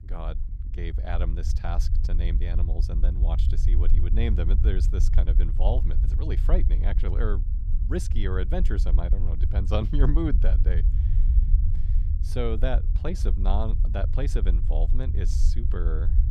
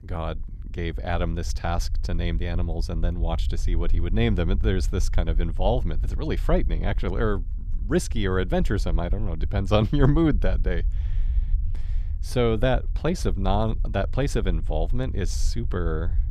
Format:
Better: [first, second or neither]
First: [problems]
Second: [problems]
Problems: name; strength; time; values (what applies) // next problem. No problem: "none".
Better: second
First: low rumble; loud; throughout; 9 dB below the speech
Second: low rumble; faint; throughout; 20 dB below the speech